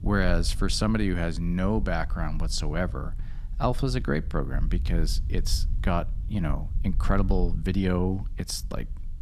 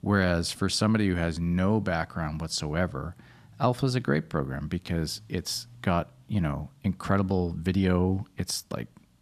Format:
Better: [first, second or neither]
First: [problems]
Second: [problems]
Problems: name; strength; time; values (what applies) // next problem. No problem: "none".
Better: second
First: low rumble; faint; throughout; 20 dB below the speech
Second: none